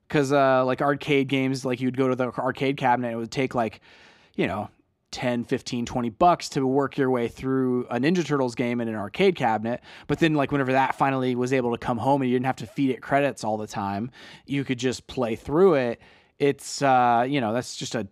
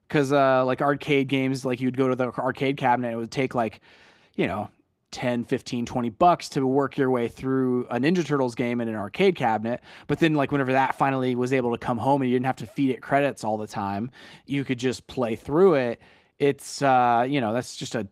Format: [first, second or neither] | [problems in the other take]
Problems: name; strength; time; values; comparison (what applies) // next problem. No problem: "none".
first | garbled, watery; slightly; nothing above 15.5 kHz